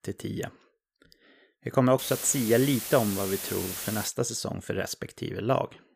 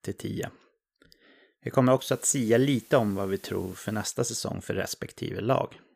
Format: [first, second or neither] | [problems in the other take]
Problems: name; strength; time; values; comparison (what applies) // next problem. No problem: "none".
second | hiss; loud; from 2 to 4 s; 6 dB below the speech; faint in the second